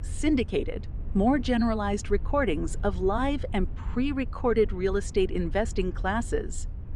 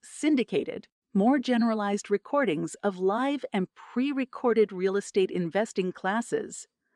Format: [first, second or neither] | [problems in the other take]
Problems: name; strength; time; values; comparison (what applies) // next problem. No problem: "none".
second | low rumble; faint; throughout; 20 dB below the speech